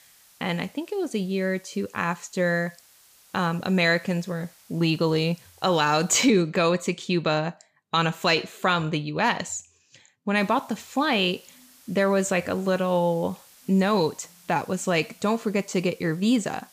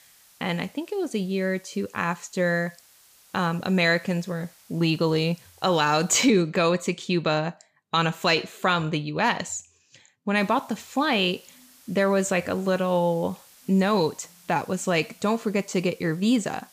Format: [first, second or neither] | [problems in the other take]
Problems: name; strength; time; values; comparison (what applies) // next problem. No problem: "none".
neither | hiss; faint; until 6 s and from 10 s on; 25 dB below the speech; the same in both